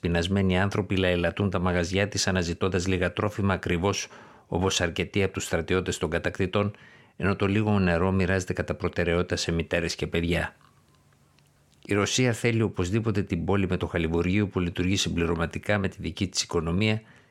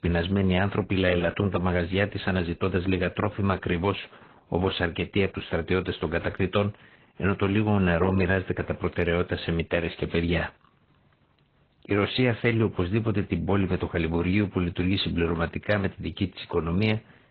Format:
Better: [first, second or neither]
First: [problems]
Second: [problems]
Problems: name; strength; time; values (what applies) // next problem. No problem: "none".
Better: first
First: none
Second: garbled, watery; badly; nothing above 4 kHz